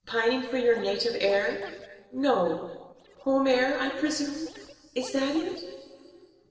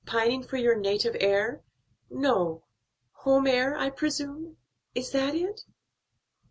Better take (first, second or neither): second